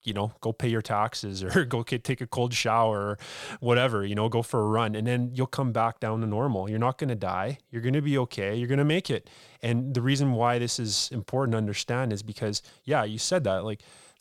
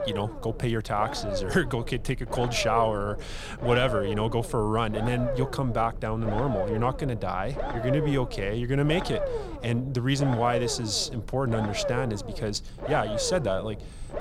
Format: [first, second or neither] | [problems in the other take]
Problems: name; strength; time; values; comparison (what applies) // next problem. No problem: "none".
first | low rumble; loud; throughout; 5 dB below the speech